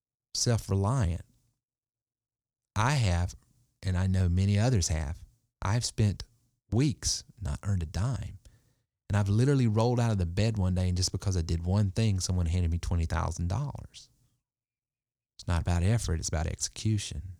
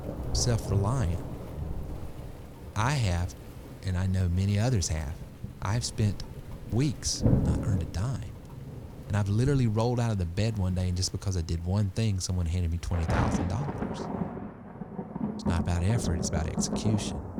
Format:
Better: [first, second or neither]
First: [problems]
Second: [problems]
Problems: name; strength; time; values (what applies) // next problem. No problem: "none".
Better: first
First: none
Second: rain or running water; loud; throughout; 5 dB below the speech